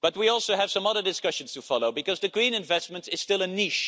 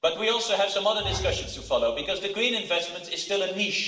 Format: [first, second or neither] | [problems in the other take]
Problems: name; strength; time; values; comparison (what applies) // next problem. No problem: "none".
first | background sound (Bowed string instrument); 10 dB below the speech // room echo; dies away in 1 s